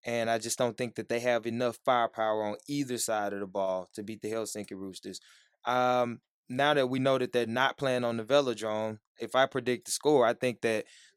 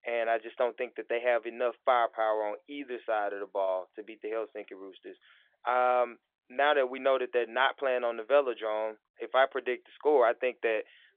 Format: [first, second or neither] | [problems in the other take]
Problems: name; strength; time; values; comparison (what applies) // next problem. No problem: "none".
first | phone-call audio; nothing above 3.5 kHz